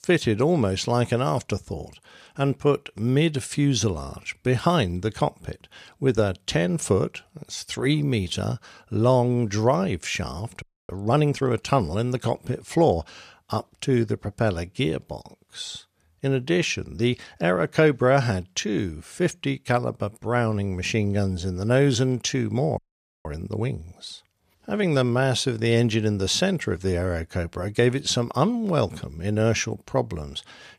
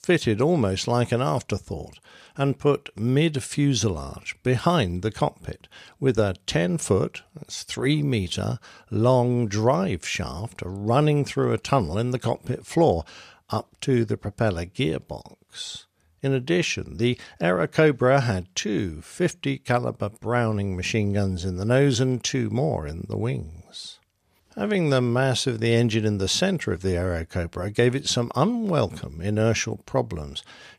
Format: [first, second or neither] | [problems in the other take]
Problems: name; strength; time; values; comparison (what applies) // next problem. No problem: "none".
second | audio freezing; at 11 s and at 23 s